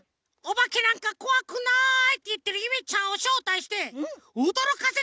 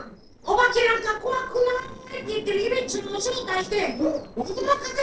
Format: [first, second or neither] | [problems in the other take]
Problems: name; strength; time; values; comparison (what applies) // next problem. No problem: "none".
first | noise reduction (neural separator model SepFormer DNS4)